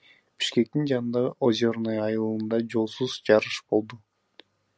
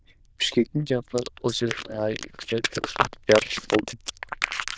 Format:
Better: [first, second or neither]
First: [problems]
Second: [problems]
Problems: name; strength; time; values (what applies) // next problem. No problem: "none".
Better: first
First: none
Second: noise reduction (neural diffusion model UNIVERSE++)